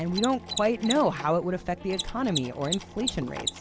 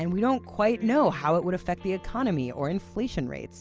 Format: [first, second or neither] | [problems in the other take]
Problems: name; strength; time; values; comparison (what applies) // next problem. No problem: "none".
second | background sound (Mechanisms); 8 dB below the speech